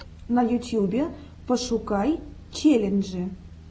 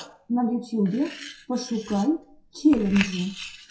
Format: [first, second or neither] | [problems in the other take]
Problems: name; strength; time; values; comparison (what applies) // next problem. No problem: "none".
first | noise reduction (classical method WPE with log-MMSE)